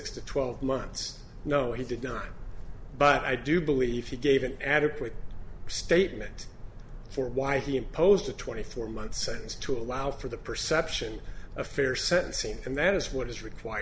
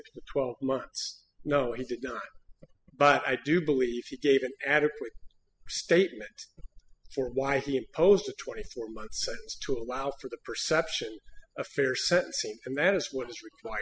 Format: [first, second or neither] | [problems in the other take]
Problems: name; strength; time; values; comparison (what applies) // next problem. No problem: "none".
first | noise reduction (classical method spectral subtraction)